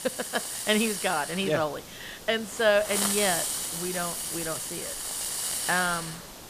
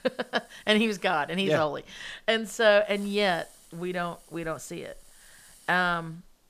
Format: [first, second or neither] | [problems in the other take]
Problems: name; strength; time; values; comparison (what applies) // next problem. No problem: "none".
second | hiss; loud; throughout; 2 dB below the speech; faint in the second